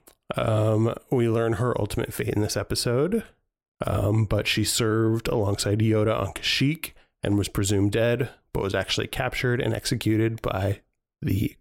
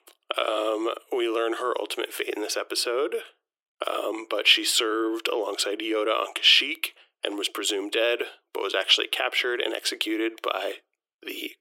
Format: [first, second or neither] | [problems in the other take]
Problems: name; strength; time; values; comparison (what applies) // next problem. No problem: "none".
first | thin; very; fading below 350 Hz